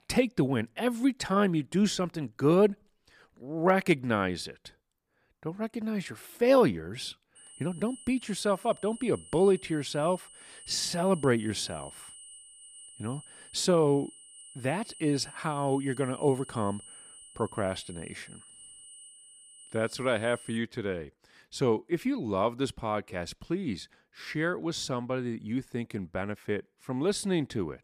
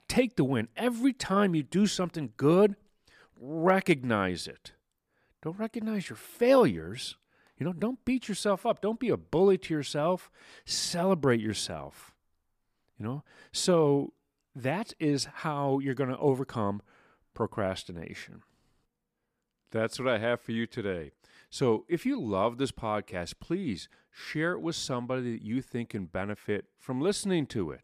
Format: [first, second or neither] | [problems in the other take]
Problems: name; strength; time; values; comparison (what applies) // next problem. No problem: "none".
second | high-pitched whine; noticeable; from 7.5 to 21 s; 9.5 kHz, 20 dB below the speech